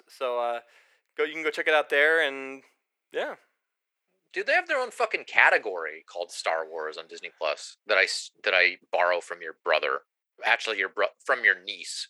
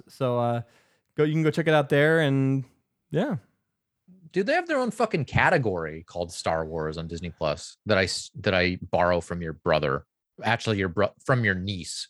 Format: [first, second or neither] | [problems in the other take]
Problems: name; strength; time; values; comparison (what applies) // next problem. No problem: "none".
second | thin; very; fading below 450 Hz